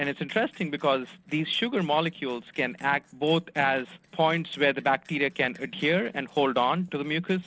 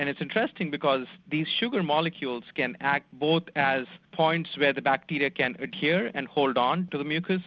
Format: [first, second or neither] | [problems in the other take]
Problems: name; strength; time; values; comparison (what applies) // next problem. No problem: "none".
second | noise reduction (neural separator model SepFormer DNS4)